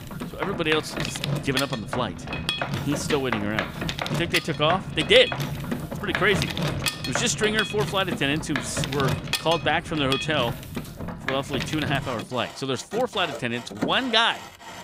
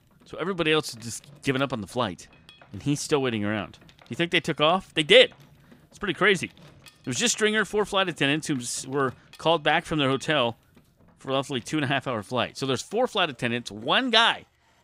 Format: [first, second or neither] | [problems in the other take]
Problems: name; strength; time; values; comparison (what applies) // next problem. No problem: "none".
second | machinery noise; loud; throughout; 5 dB below the speech; faint in the second